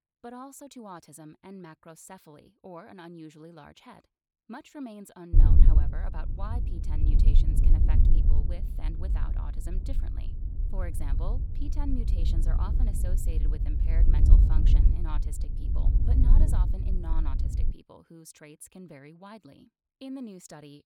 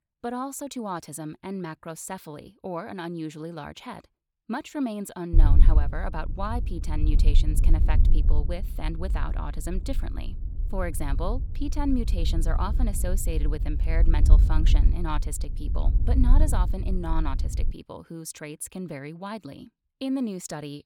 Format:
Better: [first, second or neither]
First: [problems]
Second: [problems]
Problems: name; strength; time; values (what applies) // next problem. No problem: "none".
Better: second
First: wind noise on the microphone; heavy; from 5.5 to 18 s; as loud as the speech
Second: wind noise on the microphone; occasional gusts; from 5.5 to 18 s; 10 dB below the speech